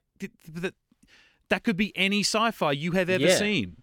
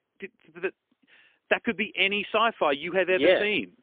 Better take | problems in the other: first | phone-call audio; poor line

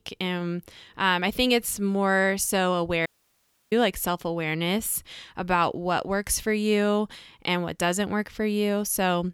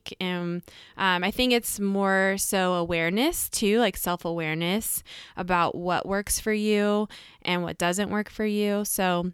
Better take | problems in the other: second | audio cutting out; at 3 s for 0.5 s

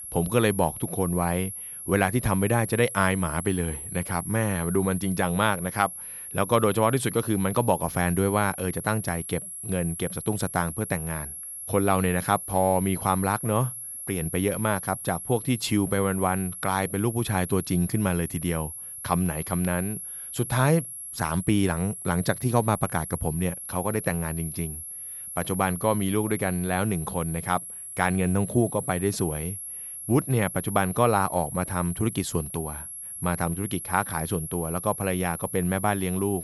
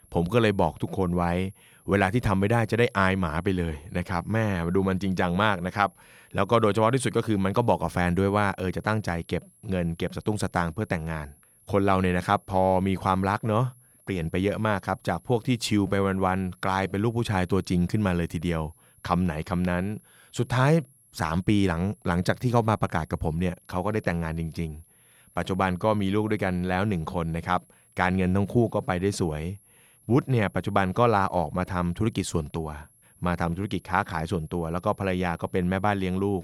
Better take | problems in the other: second | high-pitched whine; loud; throughout; 11 kHz, 8 dB below the speech; faint in the second

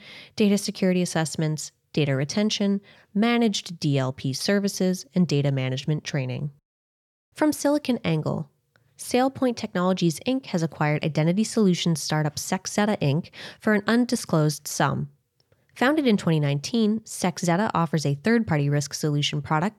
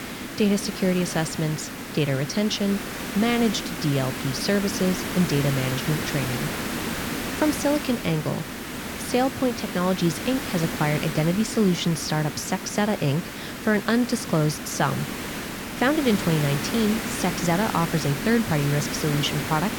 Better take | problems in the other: first | hiss; loud; throughout; 6 dB below the speech

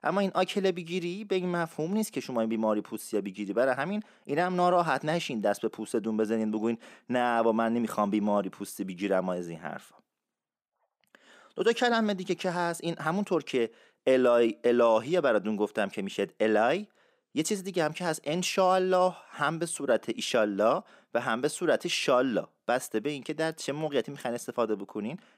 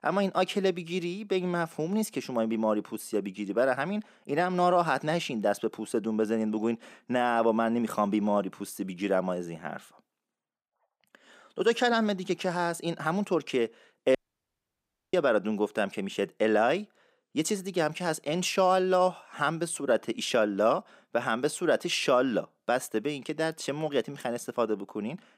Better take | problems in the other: first | audio cutting out; at 14 s for 1 s

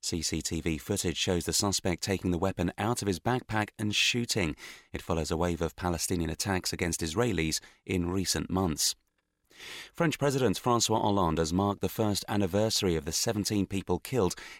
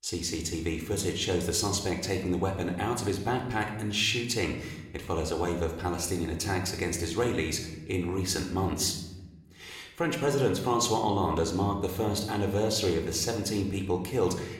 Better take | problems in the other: first | room echo; slight; dies away in 0.8 s

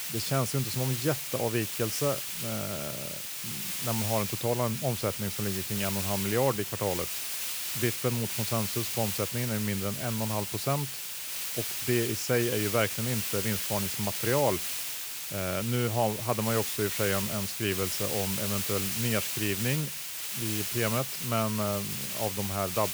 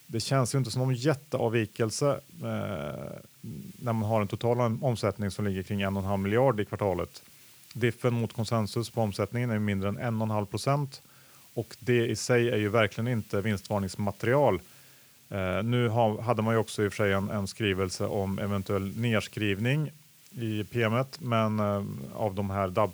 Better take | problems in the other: second | hiss; loud; throughout; as loud as the speech; faint in the second

